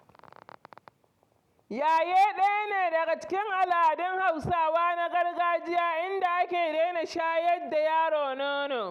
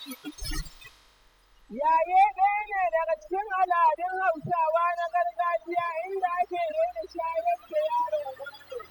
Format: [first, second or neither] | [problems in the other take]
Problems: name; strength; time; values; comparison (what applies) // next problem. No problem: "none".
first | noise reduction (classical method spectral subtraction)